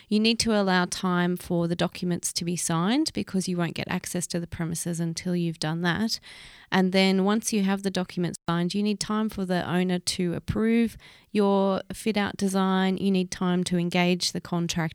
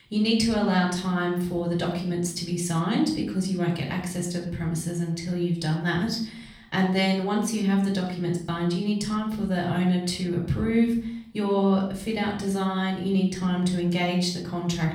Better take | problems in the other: first | room echo; slight; dies away in 0.5 s // off-mic speech; somewhat distant

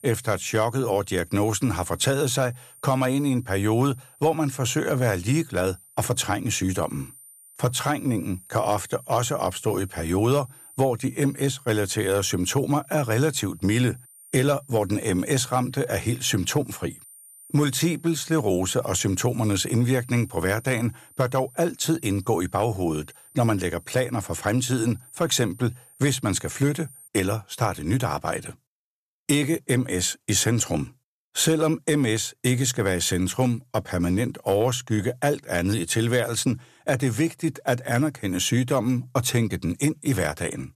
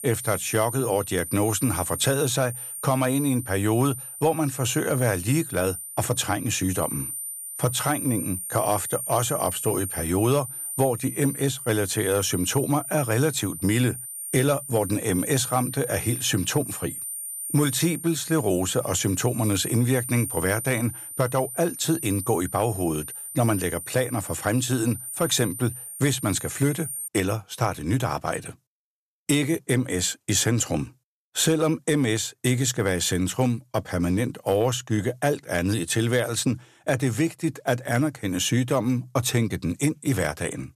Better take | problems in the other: first | high-pitched whine; loud; until 27 s; 9 kHz, 7 dB below the speech; faint in the first

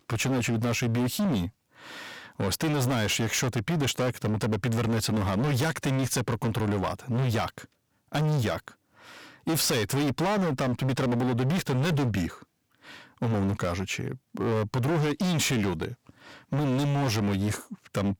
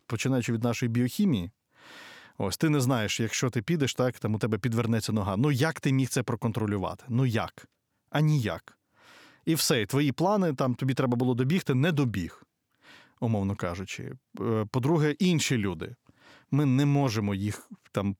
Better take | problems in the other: second | distortion; heavy; 27% of the sound clipped

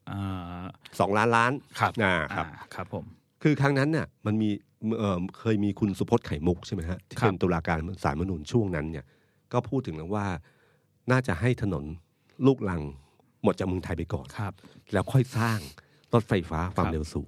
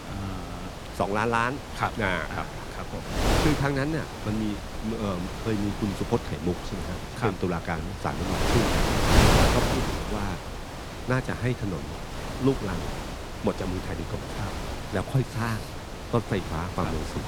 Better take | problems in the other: first | wind noise on the microphone; heavy; as loud as the speech

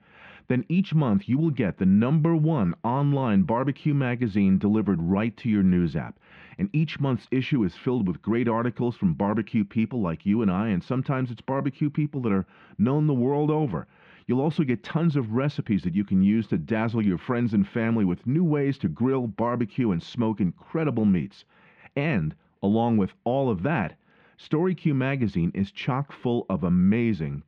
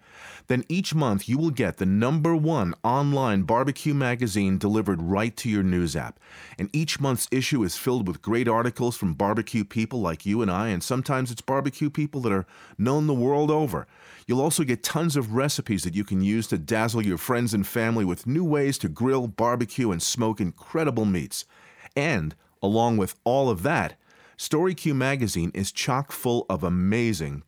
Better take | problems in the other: second | muffled; very; fading above 3 kHz

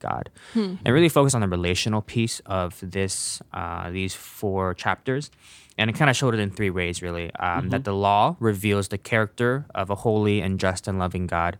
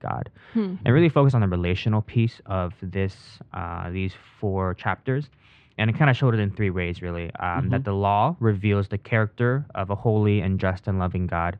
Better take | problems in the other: first | muffled; very; fading above 3 kHz

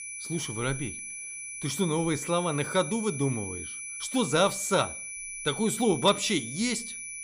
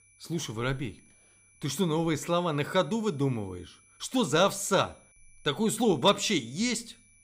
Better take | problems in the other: second | high-pitched whine; loud; throughout; 2.5 kHz, 8 dB below the speech; faint in the second

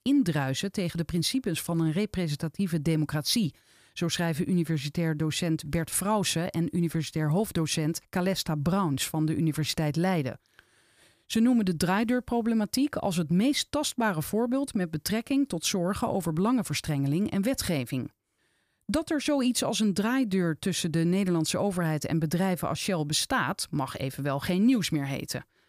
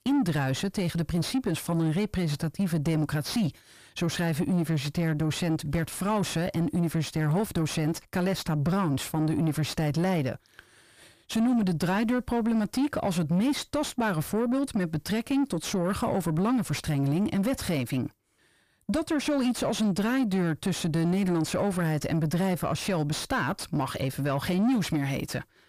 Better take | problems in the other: first | distortion; slight; 9 dB below the speech

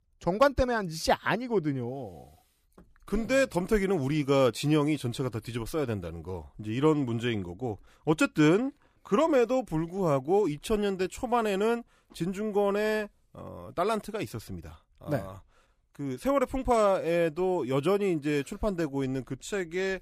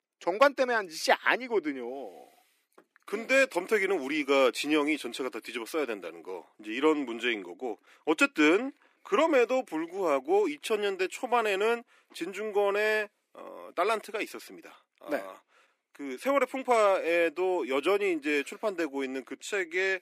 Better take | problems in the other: first | thin; somewhat; fading below 300 Hz

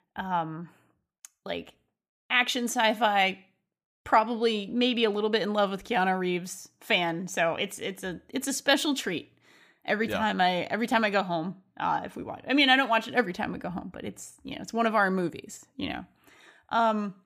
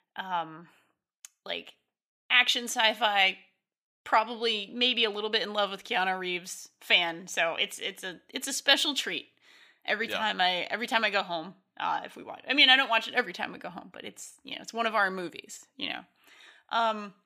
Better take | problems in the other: first | thin; very slightly; fading below 1 kHz

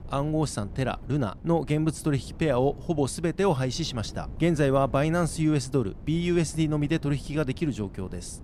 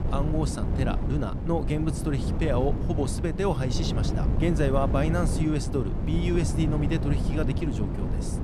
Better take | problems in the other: first | wind noise on the microphone; heavy; 6 dB below the speech; occasional gusts in the first

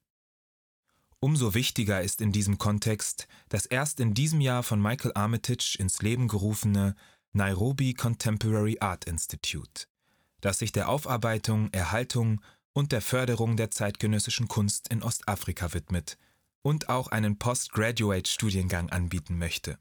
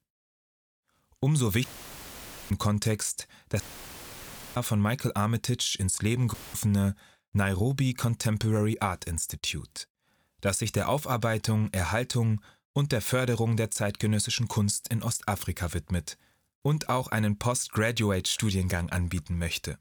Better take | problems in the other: first | audio cutting out; filled with static; at 1.5 s for 1 s, at 3.5 s for 1 s and at 6.5 s

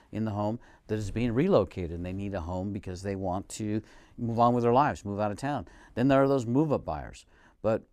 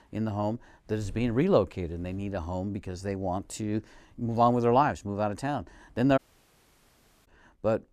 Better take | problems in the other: first | audio cutting out; at 6 s for 1 s

